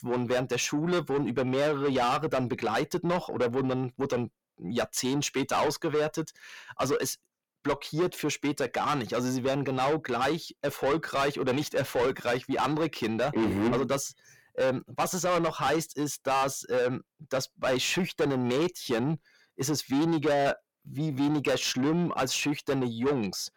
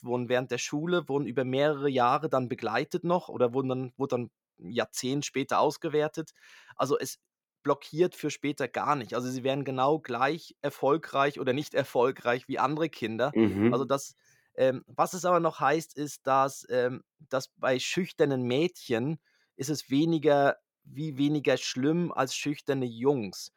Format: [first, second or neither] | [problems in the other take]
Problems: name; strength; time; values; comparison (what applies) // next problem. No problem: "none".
second | distortion; heavy; 7 dB below the speech